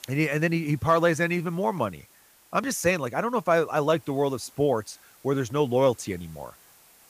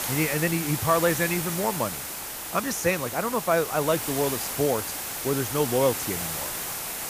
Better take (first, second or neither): first